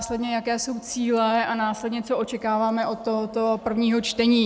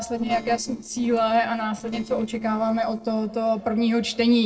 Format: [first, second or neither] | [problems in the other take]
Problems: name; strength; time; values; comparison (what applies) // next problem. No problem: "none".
first | noise reduction (neural separator model SepFormer DNS4)